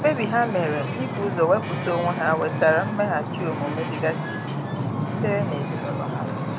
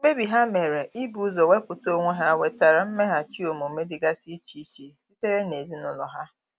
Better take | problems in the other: second | background sound (Wind / Ocean); 2 dB below the speech

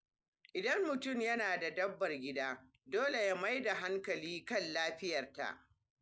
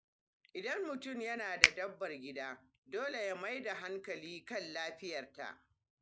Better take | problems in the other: first | background sound (Finger snapping); 4 dB above the speech

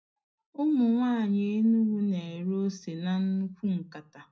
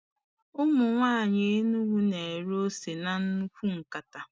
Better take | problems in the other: second | room echo; dies away in 0.4 s

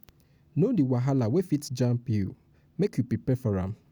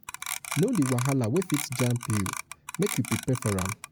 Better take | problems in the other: first | background sound (Clock); 8 dB below the speech

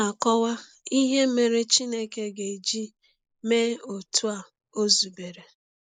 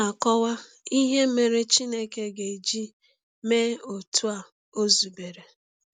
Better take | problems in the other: second | noise reduction (neural mask model Resemble Enhance denoiser)

